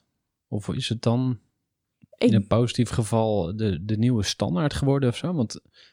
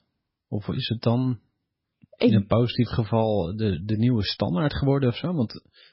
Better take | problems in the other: first | garbled, watery; badly; nothing above 5.5 kHz

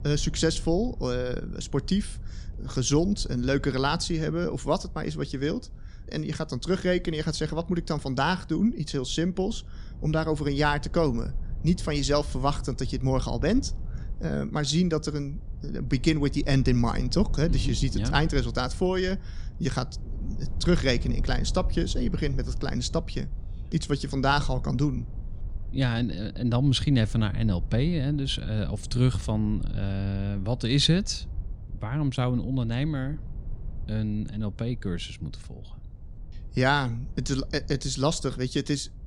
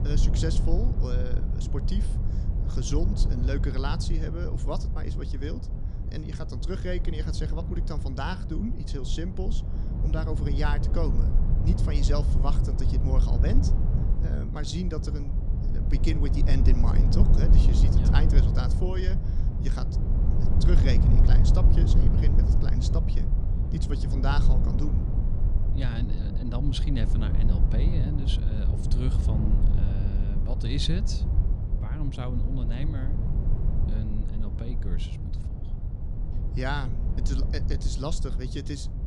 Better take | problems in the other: first | low rumble; loud; throughout; 4 dB below the speech; faint in the first

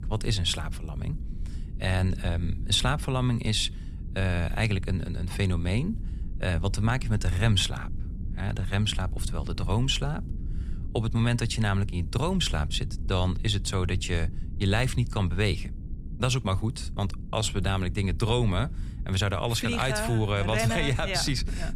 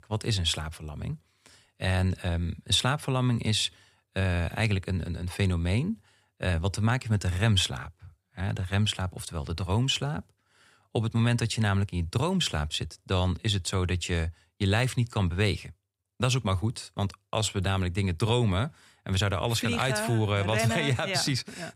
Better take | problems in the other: second | low rumble; faint; throughout; 20 dB below the speech

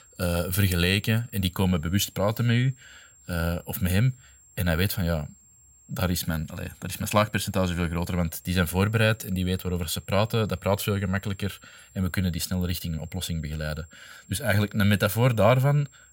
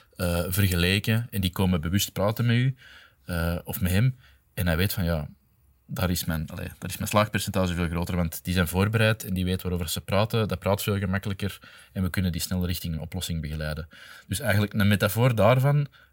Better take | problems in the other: second | high-pitched whine; faint; throughout; 7.5 kHz, 25 dB below the speech

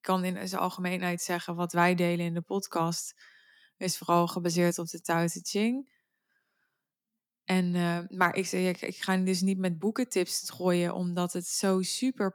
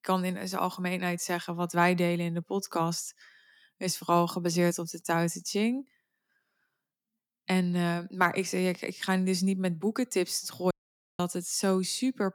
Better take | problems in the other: first | audio cutting out; at 11 s

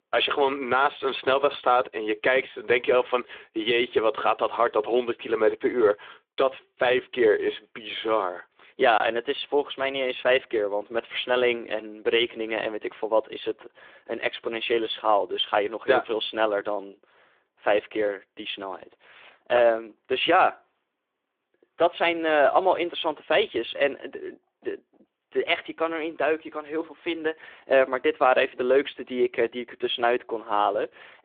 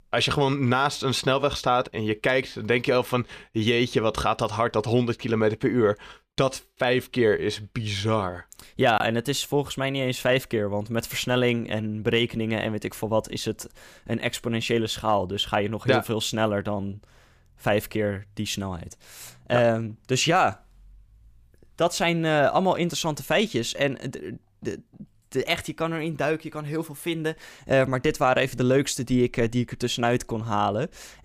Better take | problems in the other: second | phone-call audio; nothing above 3.5 kHz

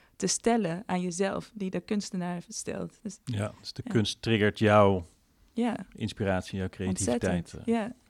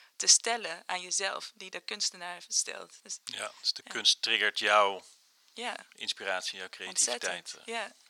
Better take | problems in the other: first | thin; very; fading below 950 Hz

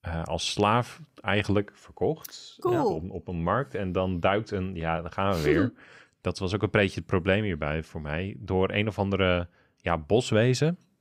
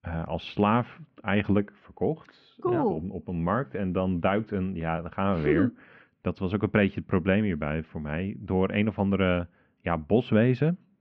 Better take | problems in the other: first | muffled; very; fading above 3 kHz

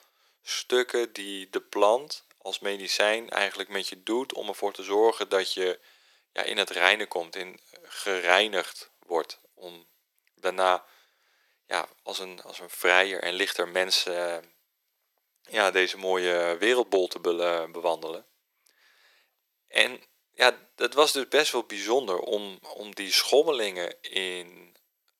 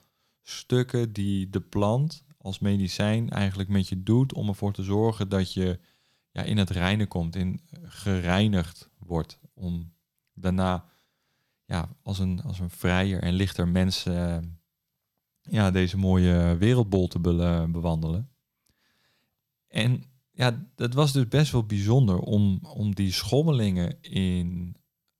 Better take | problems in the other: second | thin; very; fading below 400 Hz

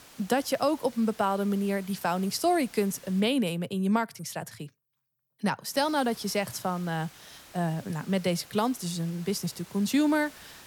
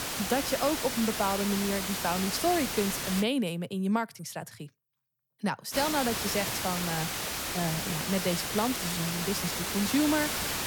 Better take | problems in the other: first | hiss; loud; until 3 s and from 5.5 s on; 1 dB below the speech; faint in the first

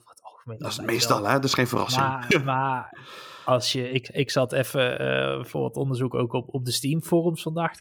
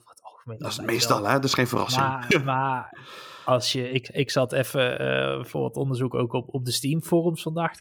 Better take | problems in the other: neither | none

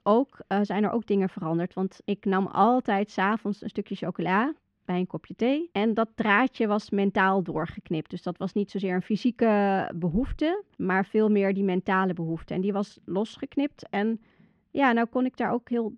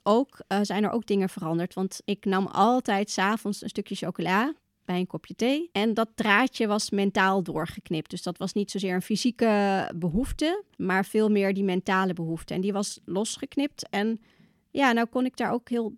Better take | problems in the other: second | muffled; slightly; fading above 2.5 kHz

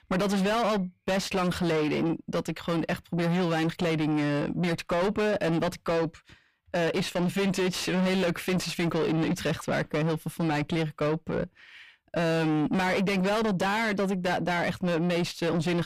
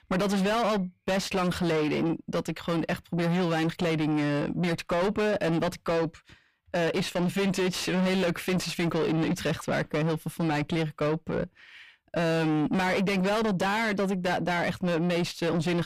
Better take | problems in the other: neither | distortion; heavy; 5 dB below the speech; the same in both

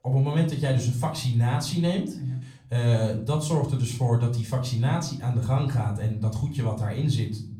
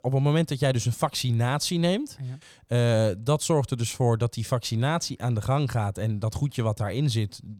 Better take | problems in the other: second | off-mic speech; far // room echo; slight; dies away in 0.5 s

